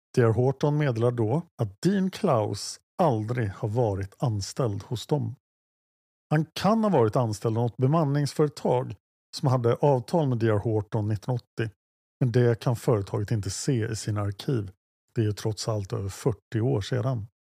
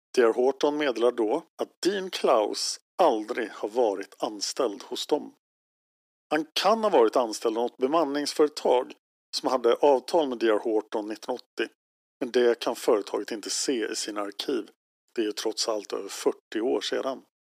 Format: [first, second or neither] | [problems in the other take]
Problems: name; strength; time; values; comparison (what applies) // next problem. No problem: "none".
first | thin; somewhat; fading below 300 Hz